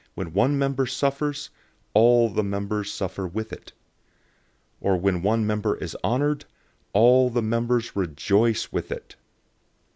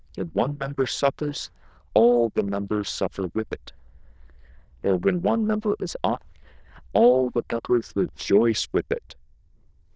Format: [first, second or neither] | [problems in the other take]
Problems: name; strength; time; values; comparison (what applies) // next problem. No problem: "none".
first | noise reduction (neural diffusion model UNIVERSE++)